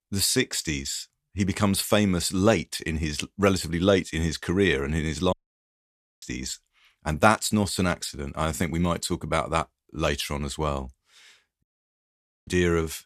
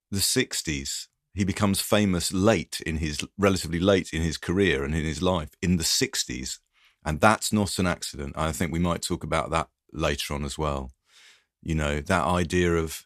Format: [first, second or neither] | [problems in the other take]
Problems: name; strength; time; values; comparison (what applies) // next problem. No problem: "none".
second | audio cutting out; at 5.5 s for 1 s and at 12 s for 1 s